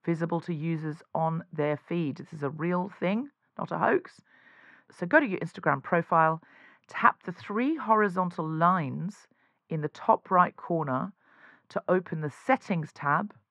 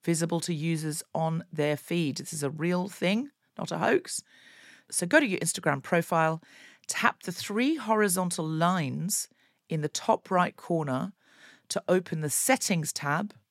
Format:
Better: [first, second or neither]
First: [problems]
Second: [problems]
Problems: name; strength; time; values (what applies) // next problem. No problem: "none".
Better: second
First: muffled; very; fading above 1.5 kHz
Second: none